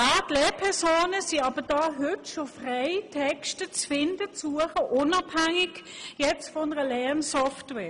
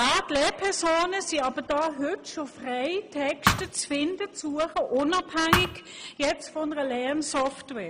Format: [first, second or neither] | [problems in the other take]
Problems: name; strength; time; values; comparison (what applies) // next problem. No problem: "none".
first | background sound (Thump, thud); 2 dB above the speech